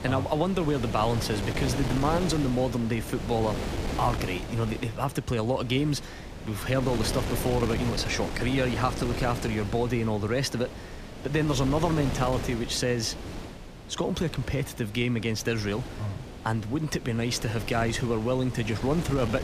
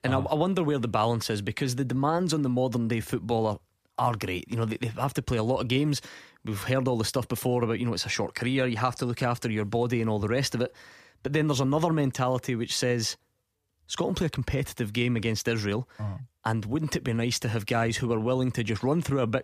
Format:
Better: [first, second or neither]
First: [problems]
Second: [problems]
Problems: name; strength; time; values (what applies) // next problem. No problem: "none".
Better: second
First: wind noise on the microphone; heavy; 8 dB below the speech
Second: none